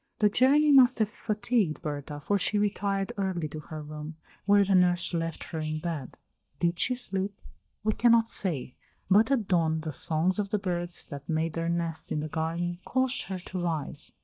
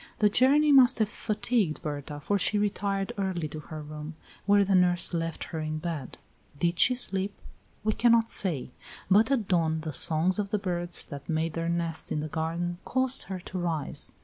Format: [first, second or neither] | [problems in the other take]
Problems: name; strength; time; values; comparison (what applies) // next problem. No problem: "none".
second | noise reduction (neural mask model DeepFilterNet 3)